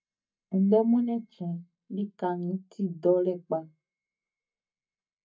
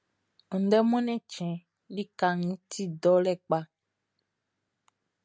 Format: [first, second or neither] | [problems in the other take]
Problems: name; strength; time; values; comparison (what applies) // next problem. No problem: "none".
second | noise reduction (neural mask model DeepFilterNet 3)